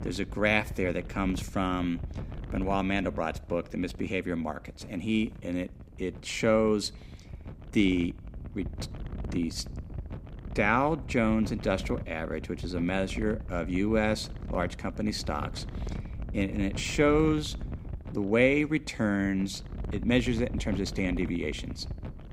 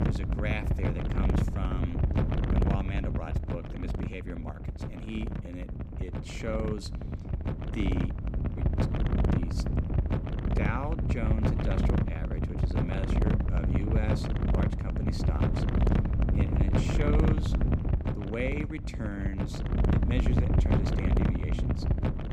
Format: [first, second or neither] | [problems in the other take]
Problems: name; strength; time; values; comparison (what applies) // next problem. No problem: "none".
first | wind noise on the microphone; heavy; 2 dB above the speech; occasional gusts in the first